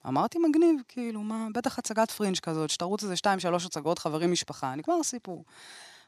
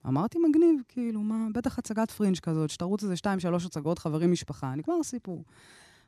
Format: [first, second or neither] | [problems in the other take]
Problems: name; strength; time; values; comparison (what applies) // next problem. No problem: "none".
second | thin; somewhat; fading below 550 Hz